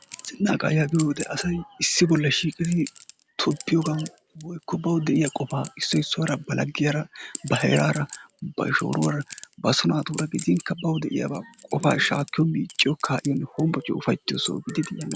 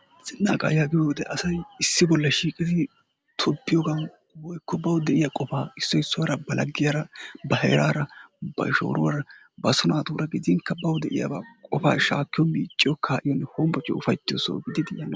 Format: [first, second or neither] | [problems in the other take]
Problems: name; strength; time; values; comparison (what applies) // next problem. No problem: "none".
second | background sound (Chink, clink); 19 dB below the speech